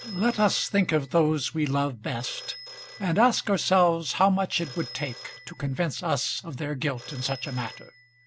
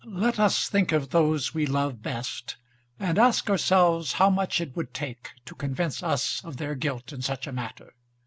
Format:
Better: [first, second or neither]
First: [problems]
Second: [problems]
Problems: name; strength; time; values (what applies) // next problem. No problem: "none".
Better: second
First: background sound (Telephone); 19 dB below the speech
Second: none